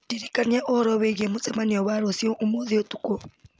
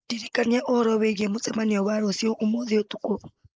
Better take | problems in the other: first | noise reduction (neural mask model Resemble Enhance denoiser)

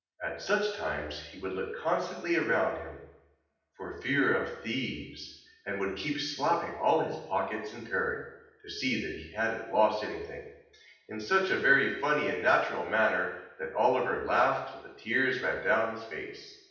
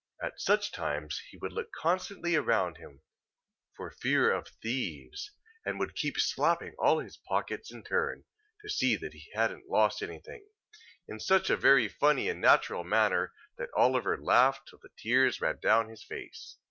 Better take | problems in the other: second | room echo; dies away in 0.8 s

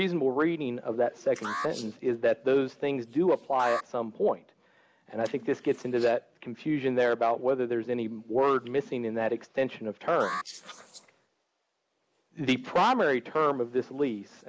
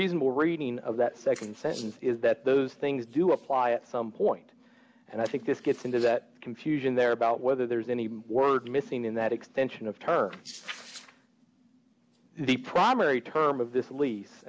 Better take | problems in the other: second | noise reduction (neural mask model Resemble Enhance denoiser)

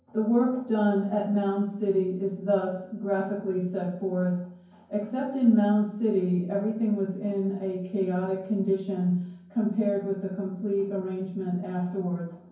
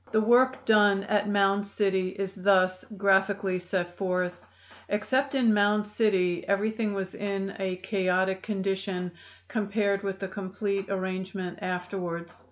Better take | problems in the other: second | room echo; dies away in 0.9 s

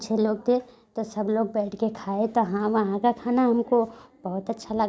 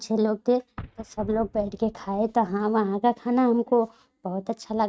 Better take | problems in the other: first | noise reduction (neural mask model RNNoise)

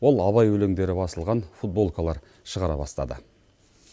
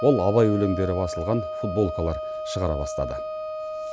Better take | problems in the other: first | background sound (Wind instrument, woodwind instrument); 7 dB below the speech

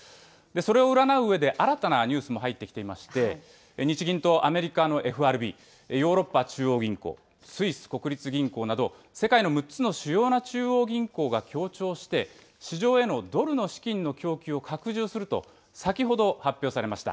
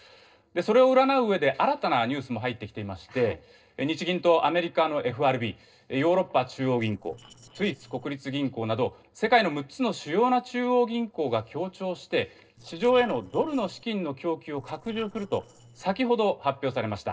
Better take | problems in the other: first | noise reduction (neural separator model SepFormer DNS4)

